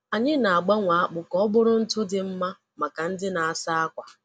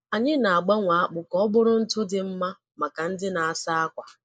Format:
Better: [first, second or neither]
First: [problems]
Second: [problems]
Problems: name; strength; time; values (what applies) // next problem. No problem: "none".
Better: first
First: none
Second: noise reduction (neural mask model Resemble Enhance denoiser)